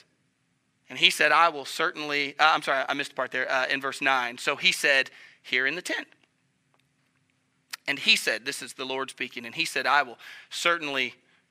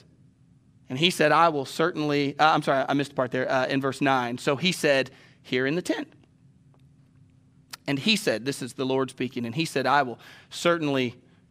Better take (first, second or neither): second